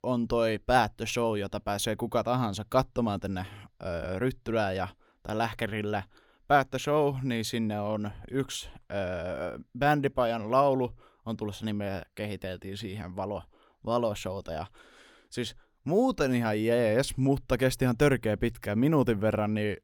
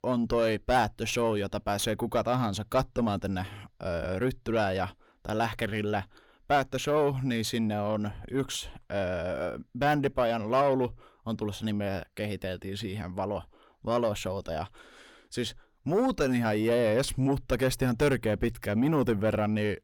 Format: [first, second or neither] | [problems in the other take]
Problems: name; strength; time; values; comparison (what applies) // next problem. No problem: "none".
first | distortion; slight; 10 dB below the speech